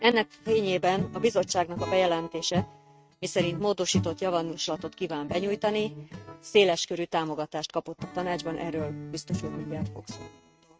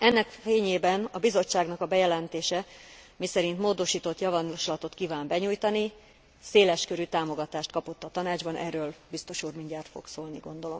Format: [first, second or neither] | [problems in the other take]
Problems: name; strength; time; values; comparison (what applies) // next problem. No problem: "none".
second | noise reduction (neural mask model RNNoise)